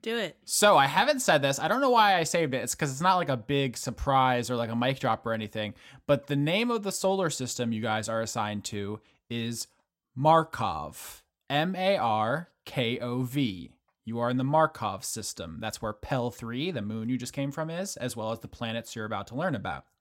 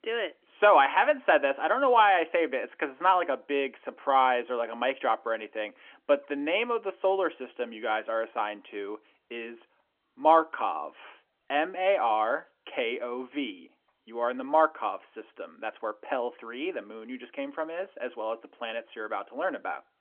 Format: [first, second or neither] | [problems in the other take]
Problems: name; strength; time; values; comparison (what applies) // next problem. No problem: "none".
first | phone-call audio; nothing above 3.5 kHz